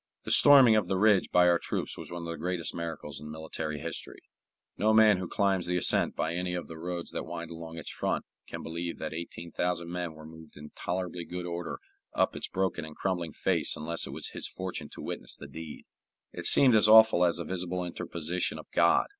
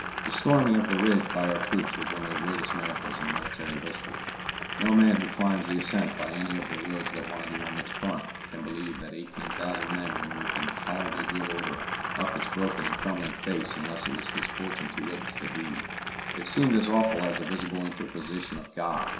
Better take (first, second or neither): first